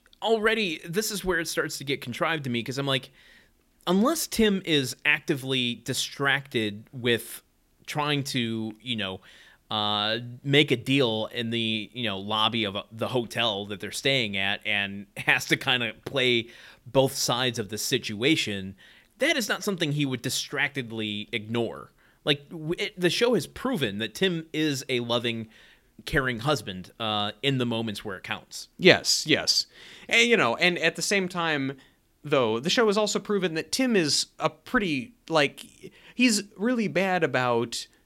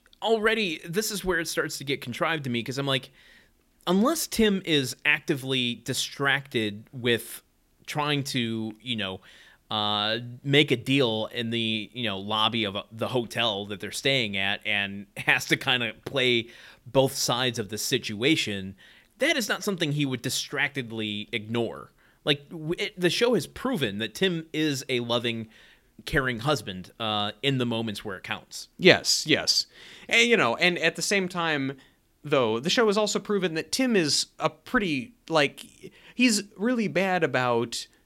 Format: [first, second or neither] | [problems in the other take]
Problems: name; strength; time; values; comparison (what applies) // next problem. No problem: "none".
neither | none